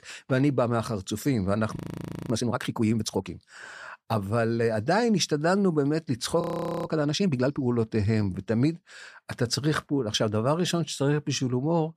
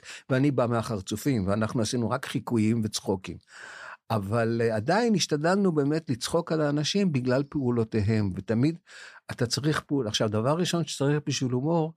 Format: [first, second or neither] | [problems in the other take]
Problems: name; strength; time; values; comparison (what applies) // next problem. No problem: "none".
second | audio freezing; at 2 s for 0.5 s and at 6.5 s